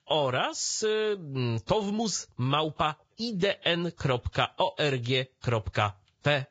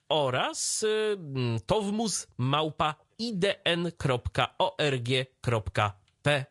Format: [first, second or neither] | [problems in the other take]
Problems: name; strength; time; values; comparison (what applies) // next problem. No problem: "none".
second | garbled, watery; badly; nothing above 7.5 kHz; slightly in the second